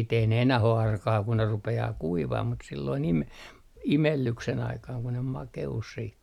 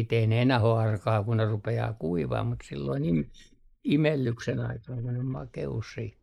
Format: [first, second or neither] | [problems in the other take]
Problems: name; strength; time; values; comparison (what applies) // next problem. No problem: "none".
first | noise reduction (neural mask model Resemble Enhance denoiser)